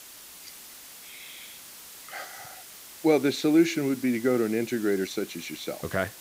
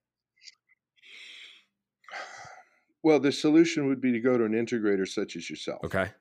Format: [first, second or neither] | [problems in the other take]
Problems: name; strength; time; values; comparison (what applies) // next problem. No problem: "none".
second | hiss; noticeable; throughout; 15 dB below the speech